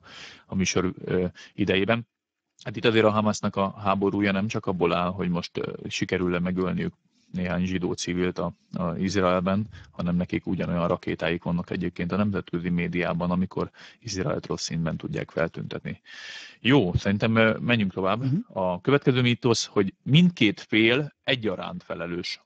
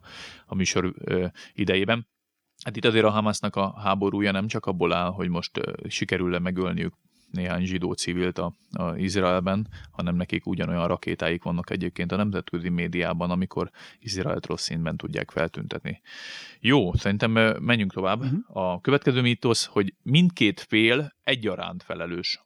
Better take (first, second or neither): second